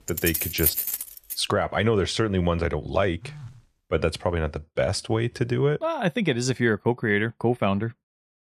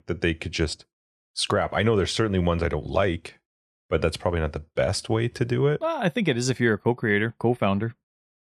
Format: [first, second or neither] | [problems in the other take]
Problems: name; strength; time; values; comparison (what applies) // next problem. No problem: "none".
second | jangling keys; loud; until 1.5 s; peak 3 dB above the speech // phone ringing; faint; at 3 s; peak 15 dB below the speech